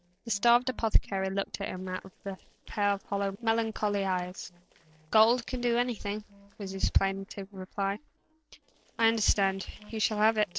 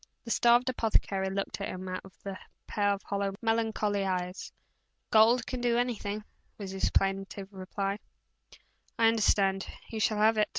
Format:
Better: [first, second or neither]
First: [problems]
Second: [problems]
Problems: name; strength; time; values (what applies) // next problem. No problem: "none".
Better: second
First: noise reduction (neural separator model SepFormer DNS4)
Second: none